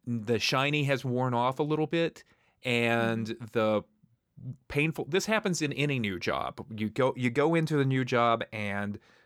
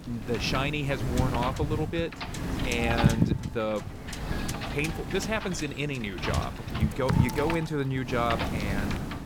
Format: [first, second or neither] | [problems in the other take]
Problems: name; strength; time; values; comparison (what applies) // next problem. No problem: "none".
first | wind noise on the microphone; heavy; 4 dB below the speech